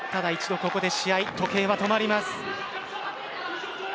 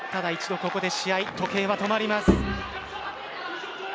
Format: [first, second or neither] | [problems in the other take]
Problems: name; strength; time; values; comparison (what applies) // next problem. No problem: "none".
first | background sound (Bowed string instrument); 1 dB above the speech